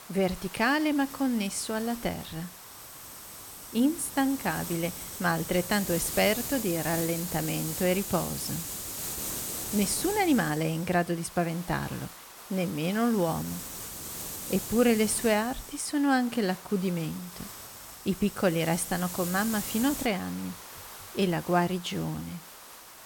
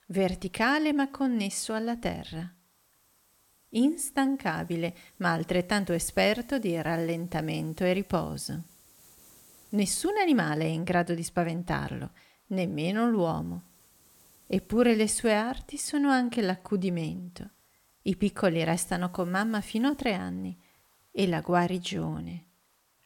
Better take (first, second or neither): second